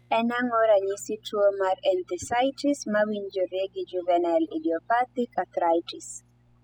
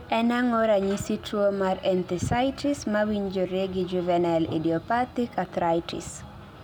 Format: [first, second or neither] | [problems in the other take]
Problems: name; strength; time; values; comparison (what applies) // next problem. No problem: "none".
second | noise reduction (classical method spectral subtraction)